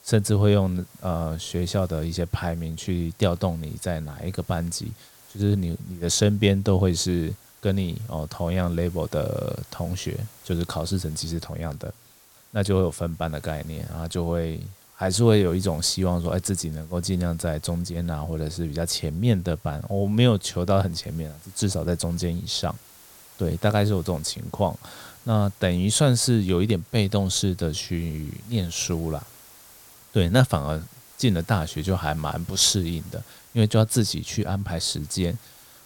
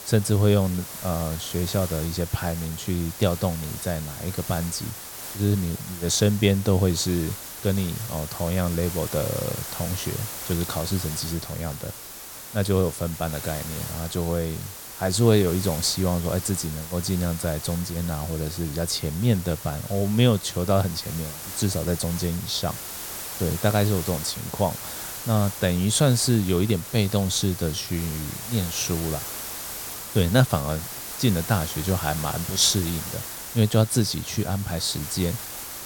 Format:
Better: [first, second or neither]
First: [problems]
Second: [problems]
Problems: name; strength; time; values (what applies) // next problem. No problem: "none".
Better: first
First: hiss; faint; throughout; 25 dB below the speech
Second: hiss; loud; throughout; 8 dB below the speech